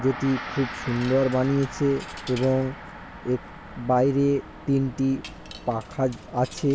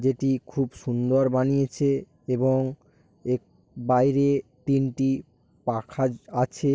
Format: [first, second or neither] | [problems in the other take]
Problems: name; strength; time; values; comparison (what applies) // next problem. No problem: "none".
second | background sound (Gong + Coin (dropping)); 13 dB below the speech